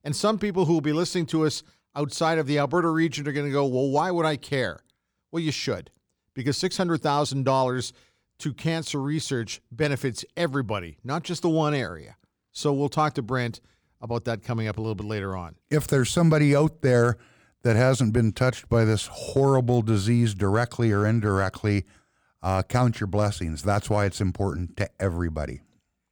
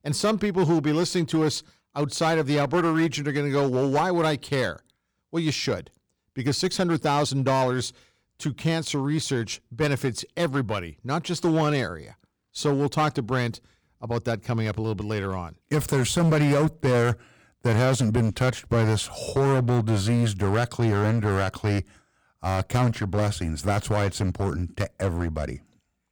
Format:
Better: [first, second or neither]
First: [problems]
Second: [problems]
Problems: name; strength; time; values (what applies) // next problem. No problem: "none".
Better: first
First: none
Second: distortion; slight; 8% of the sound clipped